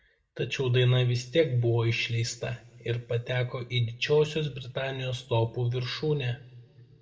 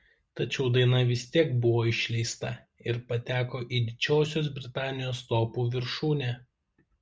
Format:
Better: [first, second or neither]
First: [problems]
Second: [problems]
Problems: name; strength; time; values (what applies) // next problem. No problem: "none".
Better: second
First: room echo; dies away in 2.2 s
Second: none